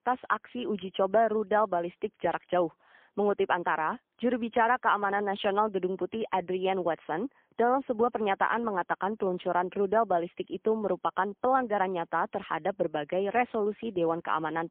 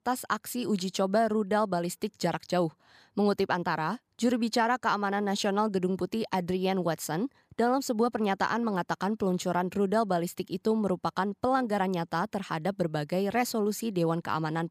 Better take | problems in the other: second | phone-call audio; poor line; nothing above 3.5 kHz

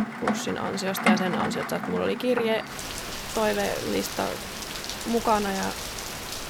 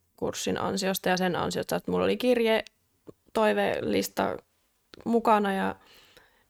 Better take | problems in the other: second | rain or running water; loud; throughout; 3 dB below the speech

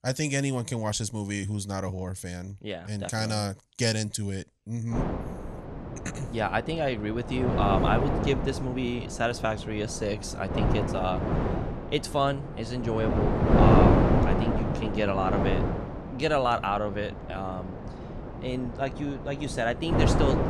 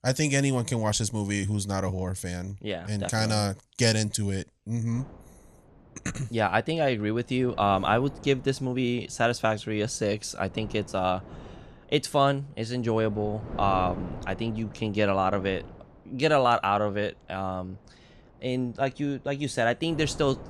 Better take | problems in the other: second | wind noise on the microphone; heavy; from 5 s on; as loud as the speech; occasional gusts in the second

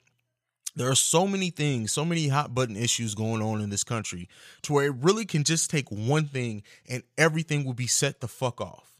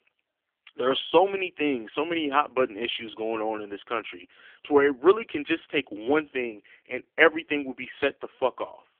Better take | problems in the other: first | phone-call audio; poor line; nothing above 3.5 kHz

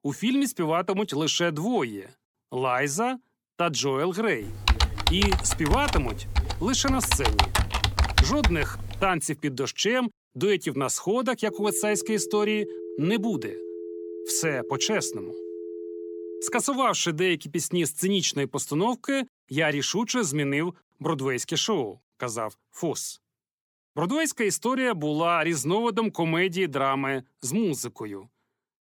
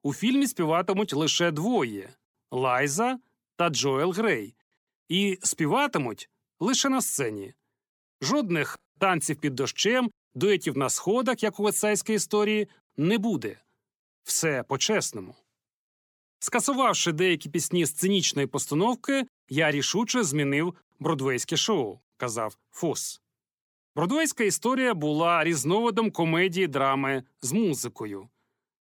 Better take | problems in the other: second | keyboard typing; loud; from 4.5 to 9 s; peak 4 dB above the speech // phone ringing; faint; from 12 to 17 s; peak 10 dB below the speech

